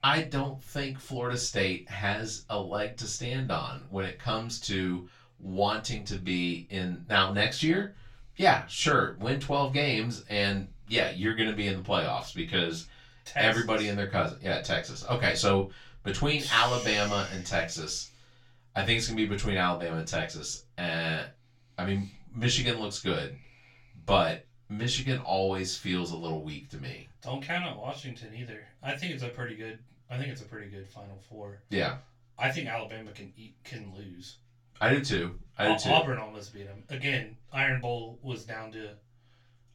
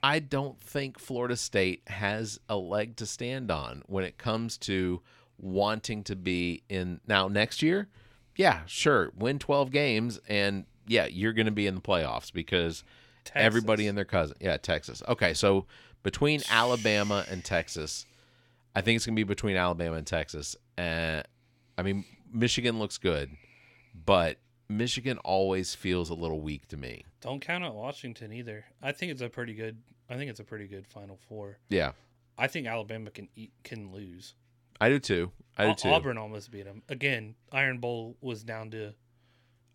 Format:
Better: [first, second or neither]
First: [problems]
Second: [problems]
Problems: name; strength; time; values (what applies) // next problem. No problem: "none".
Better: second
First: room echo; very slight; dies away in 0.2 s // off-mic speech; far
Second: none